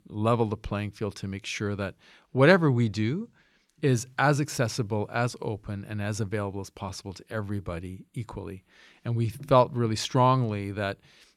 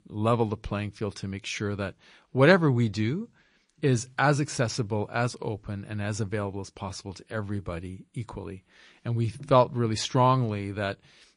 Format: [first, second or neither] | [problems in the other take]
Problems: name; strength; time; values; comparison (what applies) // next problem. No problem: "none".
first | garbled, watery; slightly; nothing above 10.5 kHz